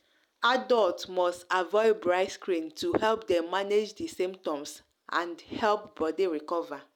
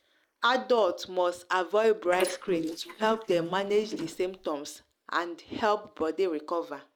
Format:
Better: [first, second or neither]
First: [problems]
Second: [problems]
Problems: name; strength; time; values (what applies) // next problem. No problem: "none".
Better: first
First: none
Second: noise reduction (neural mask model Resemble Enhance denoiser)